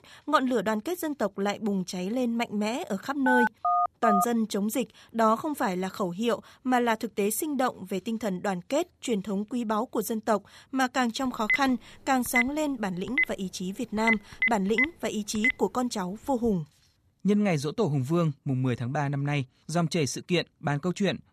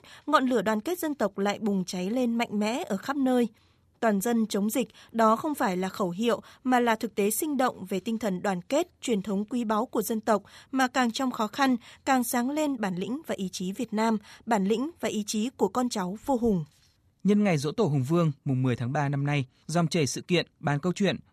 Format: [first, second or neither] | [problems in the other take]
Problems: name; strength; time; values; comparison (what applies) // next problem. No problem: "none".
second | phone ringing; loud; at 3.5 s and from 11 to 16 s; peak 4 dB above the speech